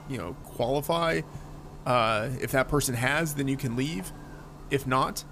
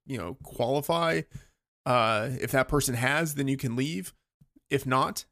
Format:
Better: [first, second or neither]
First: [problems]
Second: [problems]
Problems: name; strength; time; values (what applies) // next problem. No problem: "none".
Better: second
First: household noises; noticeable; throughout; 20 dB below the speech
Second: none